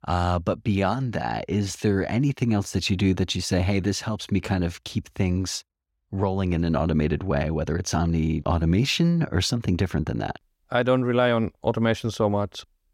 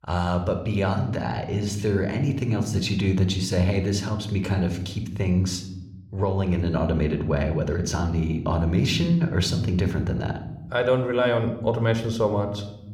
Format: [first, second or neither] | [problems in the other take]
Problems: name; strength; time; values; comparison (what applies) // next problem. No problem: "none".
first | room echo; slight; dies away in 0.9 s